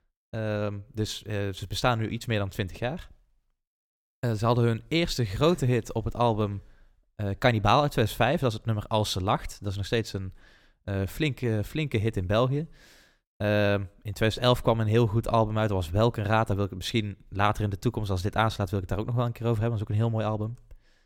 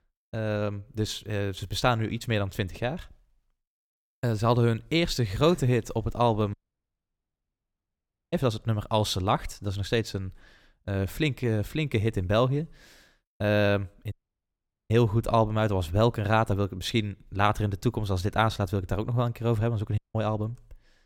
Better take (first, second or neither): first